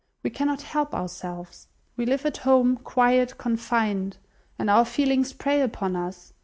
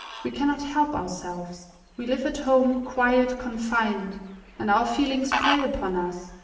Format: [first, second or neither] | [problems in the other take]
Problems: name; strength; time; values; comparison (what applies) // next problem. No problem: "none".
first | background sound (Fowl); 10 dB below the speech // room echo; dies away in 1 s